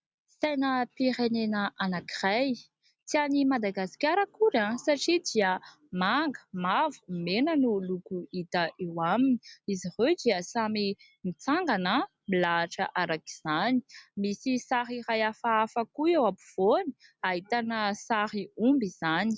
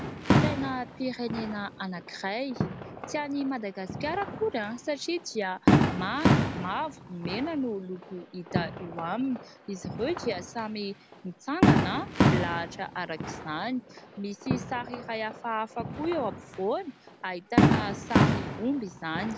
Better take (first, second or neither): first